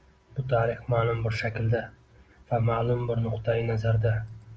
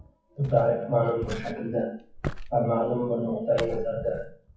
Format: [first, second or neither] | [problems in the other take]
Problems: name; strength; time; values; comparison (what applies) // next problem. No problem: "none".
first | noise reduction (classical method WPE with log-MMSE)